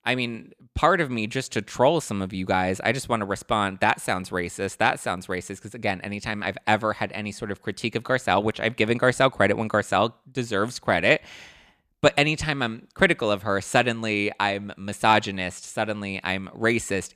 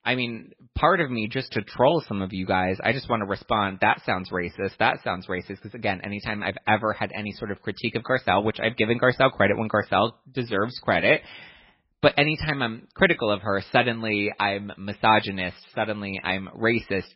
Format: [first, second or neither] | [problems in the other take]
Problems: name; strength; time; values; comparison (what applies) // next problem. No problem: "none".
first | garbled, watery; badly; nothing above 5.5 kHz